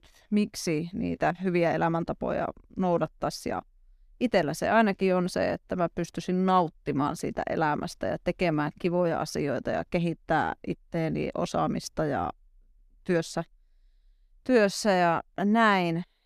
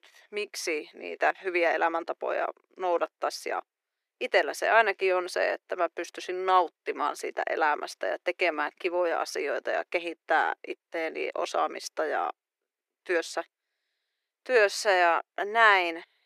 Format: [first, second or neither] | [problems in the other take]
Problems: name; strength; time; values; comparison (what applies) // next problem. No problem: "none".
first | thin; very; fading below 350 Hz